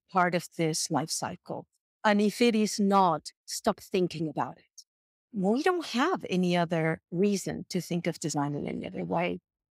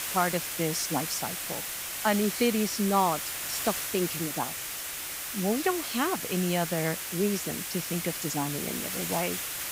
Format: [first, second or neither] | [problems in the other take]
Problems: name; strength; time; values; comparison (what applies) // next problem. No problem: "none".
first | hiss; loud; throughout; 2 dB below the speech